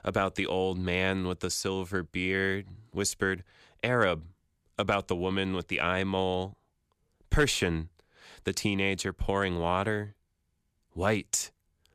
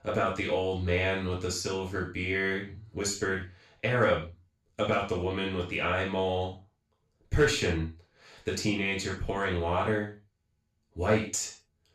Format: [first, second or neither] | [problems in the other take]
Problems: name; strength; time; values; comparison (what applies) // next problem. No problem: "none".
first | room echo; noticeable; dies away in 0.3 s // off-mic speech; far